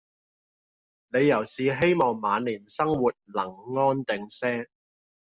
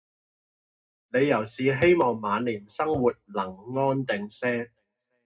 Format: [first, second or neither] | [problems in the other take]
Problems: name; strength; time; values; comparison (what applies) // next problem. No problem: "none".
first | room echo; dies away in 0.2 s